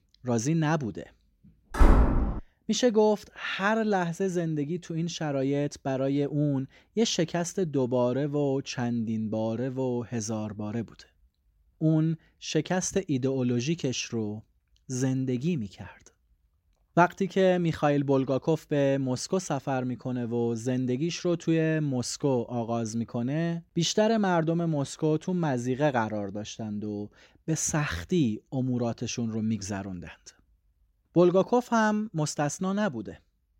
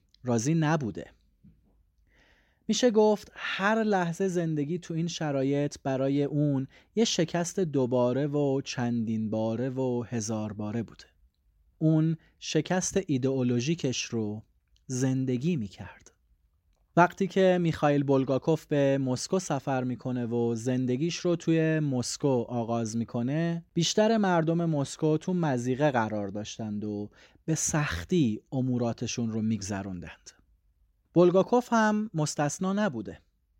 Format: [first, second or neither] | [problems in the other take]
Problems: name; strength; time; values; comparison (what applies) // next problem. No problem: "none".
second | door banging; loud; at 2 s; peak 6 dB above the speech